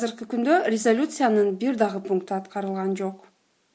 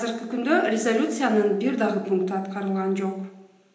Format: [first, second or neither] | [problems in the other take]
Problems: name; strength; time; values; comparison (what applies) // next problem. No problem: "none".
first | room echo; dies away in 0.8 s